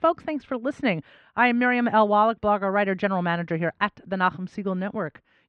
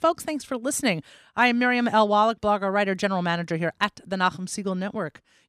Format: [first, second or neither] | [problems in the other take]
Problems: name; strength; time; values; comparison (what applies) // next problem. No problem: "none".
second | muffled; very; fading above 2.5 kHz